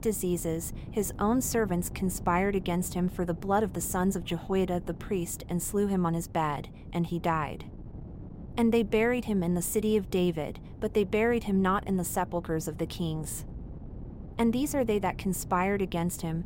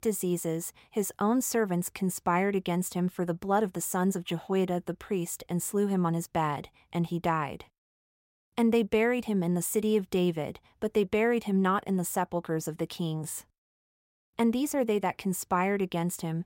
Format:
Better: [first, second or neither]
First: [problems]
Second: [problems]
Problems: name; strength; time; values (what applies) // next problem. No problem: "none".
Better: second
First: wind noise on the microphone; occasional gusts; 20 dB below the speech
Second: none